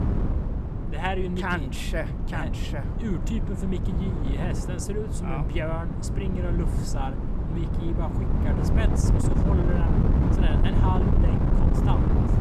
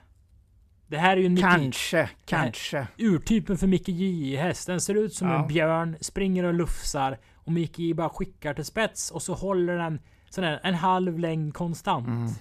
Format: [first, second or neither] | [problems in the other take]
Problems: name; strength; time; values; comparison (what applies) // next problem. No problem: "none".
second | wind noise on the microphone; heavy; 1 dB below the speech